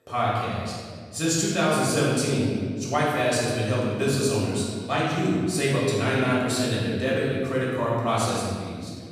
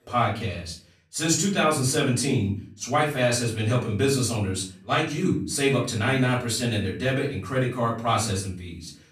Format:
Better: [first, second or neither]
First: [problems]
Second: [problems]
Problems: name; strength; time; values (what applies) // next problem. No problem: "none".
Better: second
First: room echo; strong; dies away in 1.8 s // off-mic speech; far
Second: room echo; slight; dies away in 0.4 s // off-mic speech; far